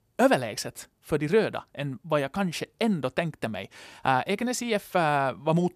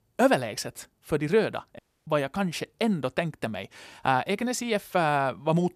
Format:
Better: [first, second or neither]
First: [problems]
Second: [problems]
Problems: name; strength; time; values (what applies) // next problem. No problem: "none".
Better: first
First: none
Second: audio cutting out; at 2 s